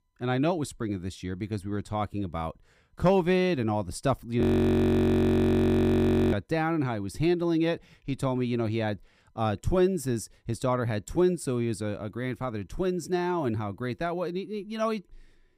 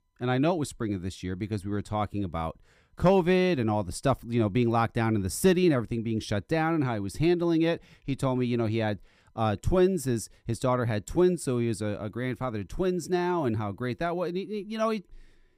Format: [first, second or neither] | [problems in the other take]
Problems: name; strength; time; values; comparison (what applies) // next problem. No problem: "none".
second | audio freezing; at 4.5 s for 2 s